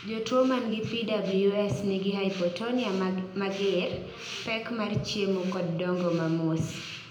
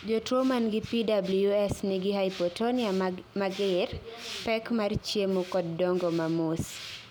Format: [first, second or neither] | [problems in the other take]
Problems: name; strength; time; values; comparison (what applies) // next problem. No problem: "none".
second | room echo; dies away in 0.7 s